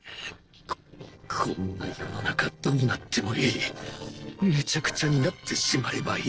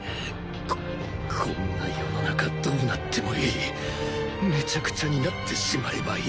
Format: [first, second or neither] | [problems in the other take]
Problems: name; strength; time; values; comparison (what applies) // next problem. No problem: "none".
second | noise reduction (neural separator model SepFormer DNS4)